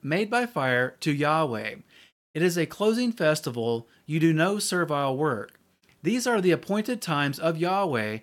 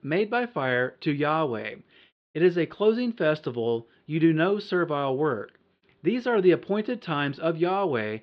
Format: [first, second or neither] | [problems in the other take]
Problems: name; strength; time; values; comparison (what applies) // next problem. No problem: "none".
first | muffled; slightly; fading above 4 kHz